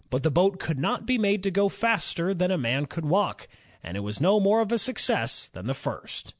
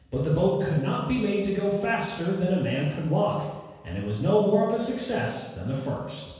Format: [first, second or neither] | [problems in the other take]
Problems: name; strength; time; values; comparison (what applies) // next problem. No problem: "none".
first | room echo; dies away in 1.2 s